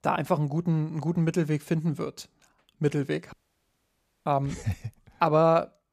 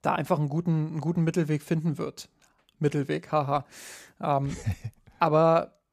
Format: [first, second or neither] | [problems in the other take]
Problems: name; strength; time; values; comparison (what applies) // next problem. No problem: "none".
second | audio cutting out; at 3.5 s for 1 s